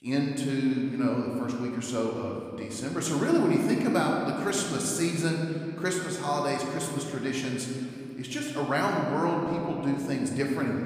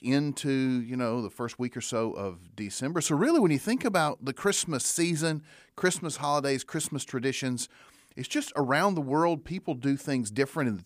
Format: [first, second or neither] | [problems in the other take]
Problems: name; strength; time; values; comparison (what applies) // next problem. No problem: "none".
second | room echo; noticeable; dies away in 2.5 s // off-mic speech; somewhat distant